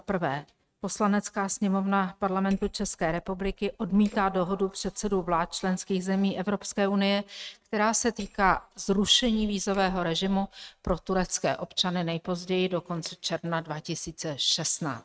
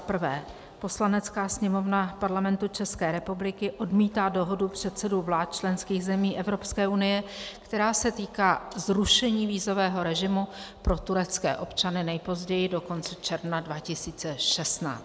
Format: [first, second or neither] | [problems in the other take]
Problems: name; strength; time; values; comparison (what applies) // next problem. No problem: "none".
second | noise reduction (neural mask model RNNoise)